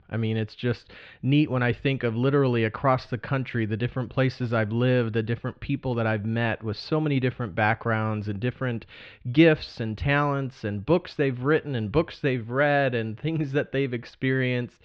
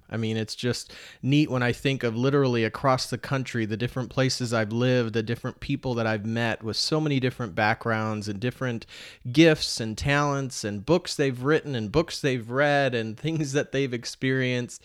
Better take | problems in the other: second | muffled; slightly; fading above 3 kHz

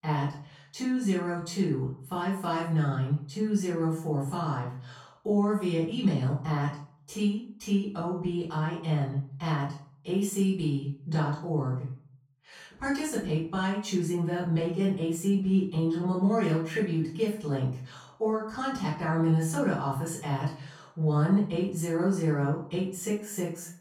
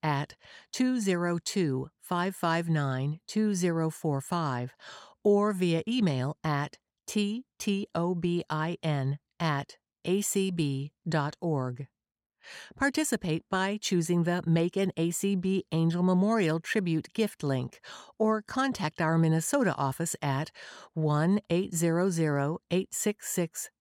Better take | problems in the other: second | off-mic speech; far // room echo; noticeable; dies away in 0.4 s

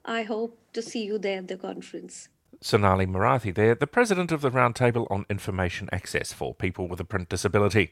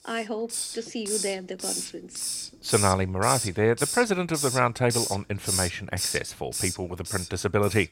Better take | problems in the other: first | hiss; loud; throughout; 3 dB below the speech

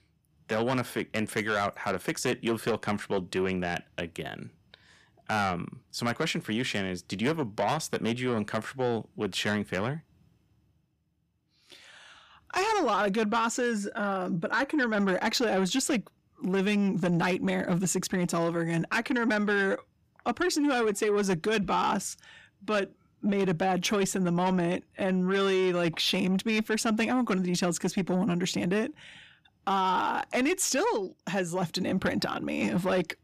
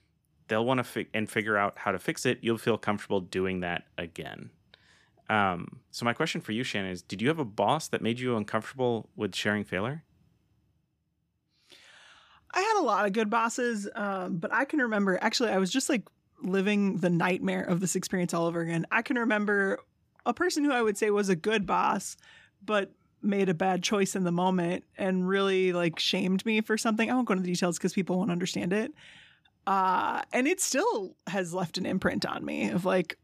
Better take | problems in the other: second | distortion; slight; 10 dB below the speech

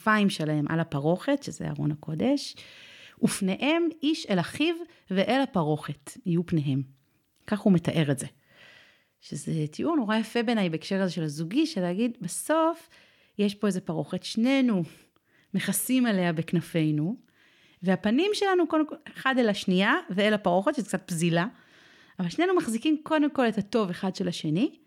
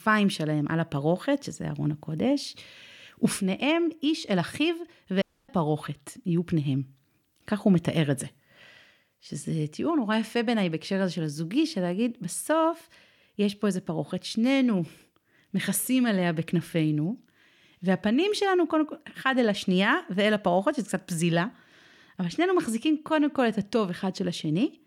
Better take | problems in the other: first | audio cutting out; at 5 s

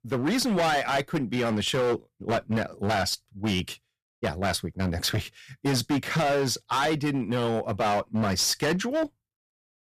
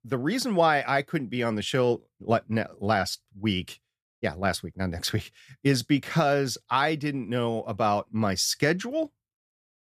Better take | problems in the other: second | distortion; heavy; 15% of the sound clipped

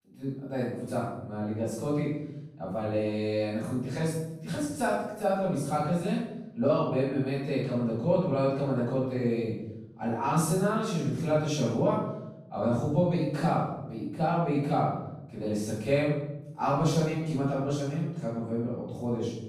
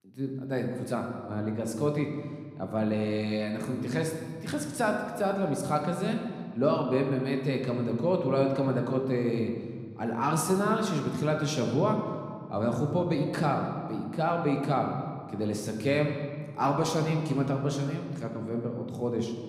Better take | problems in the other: second | room echo; strong; dies away in 0.8 s; slight in the second // off-mic speech; far

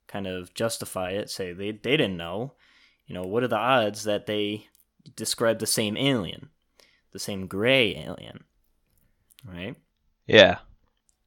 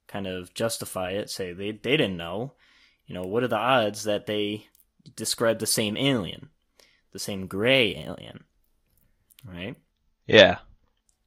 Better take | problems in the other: first | garbled, watery; slightly; nothing above 14.5 kHz

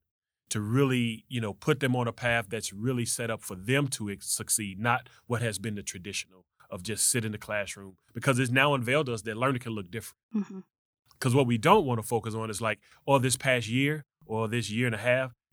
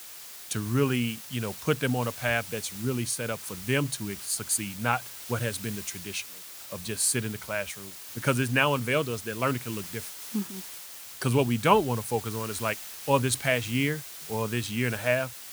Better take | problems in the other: first | hiss; noticeable; throughout; 10 dB below the speech

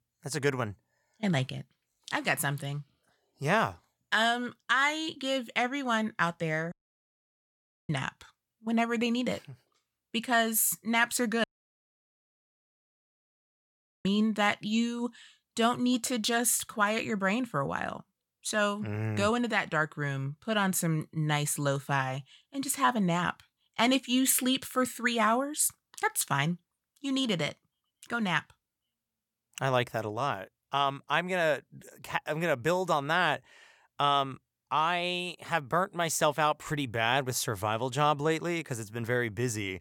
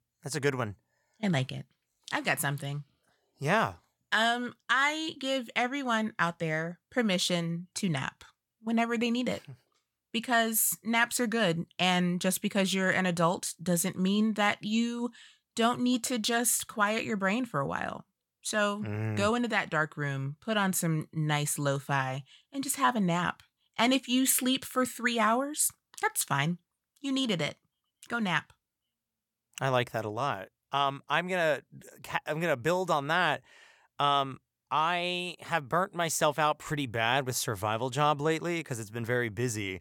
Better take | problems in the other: second | audio cutting out; at 6.5 s for 1 s and at 11 s for 2.5 s

